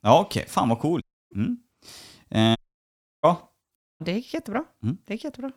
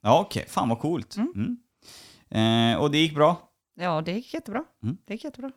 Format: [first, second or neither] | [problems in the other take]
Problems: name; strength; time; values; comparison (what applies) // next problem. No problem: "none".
second | audio cutting out; at 1 s, at 2.5 s for 0.5 s and at 4 s